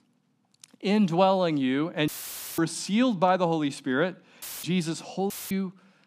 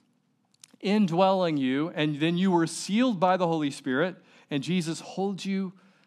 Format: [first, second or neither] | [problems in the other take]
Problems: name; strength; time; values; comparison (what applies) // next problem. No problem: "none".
second | audio cutting out; filled with static; at 2 s for 0.5 s, at 4.5 s and at 5.5 s